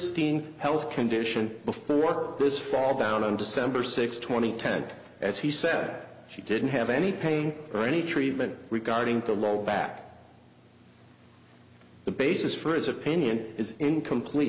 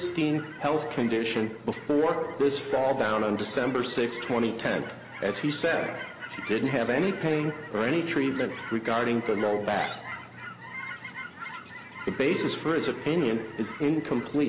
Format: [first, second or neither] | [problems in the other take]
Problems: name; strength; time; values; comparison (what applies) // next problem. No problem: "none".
first | background sound (Chirp, tweet / Fowl); 13 dB below the speech